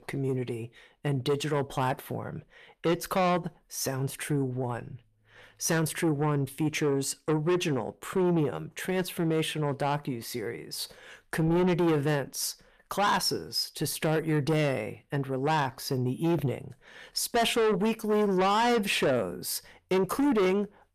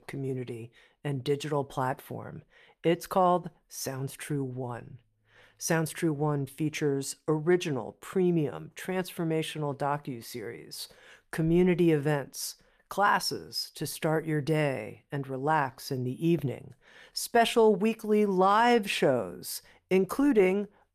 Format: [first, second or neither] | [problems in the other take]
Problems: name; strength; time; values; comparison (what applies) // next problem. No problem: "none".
second | distortion; heavy; 8 dB below the speech